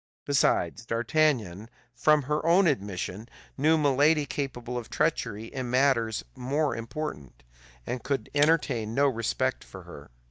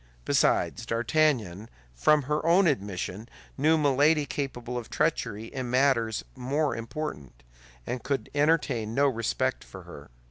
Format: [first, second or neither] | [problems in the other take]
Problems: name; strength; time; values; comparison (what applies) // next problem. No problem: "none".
second | noise reduction (neural mask model DeepFilterNet 3)